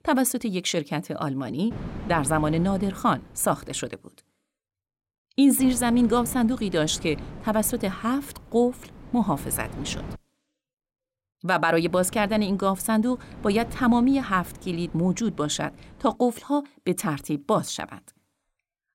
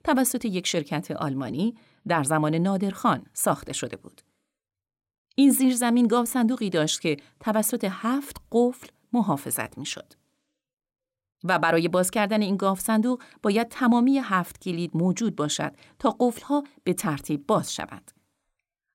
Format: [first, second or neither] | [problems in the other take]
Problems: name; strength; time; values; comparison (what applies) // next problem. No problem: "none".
second | wind noise on the microphone; faint; from 1.5 to 4 s, from 5.5 to 10 s and from 12 to 16 s; 20 dB below the speech